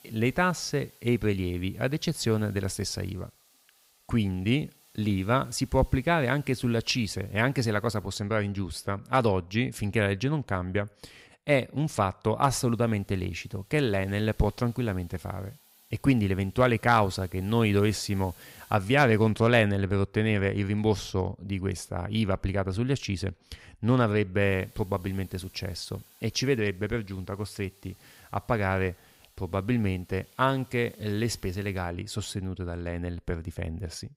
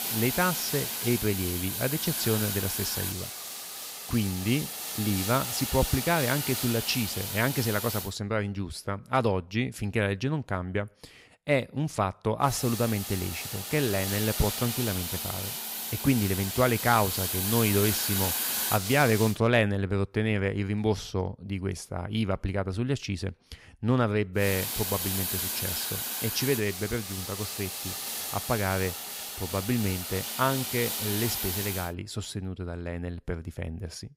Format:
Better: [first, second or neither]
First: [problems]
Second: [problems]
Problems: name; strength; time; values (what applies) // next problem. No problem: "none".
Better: first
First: hiss; faint; until 8 s, from 12 to 19 s and from 24 to 32 s; 25 dB below the speech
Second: hiss; loud; until 8 s, from 12 to 19 s and from 24 to 32 s; 2 dB below the speech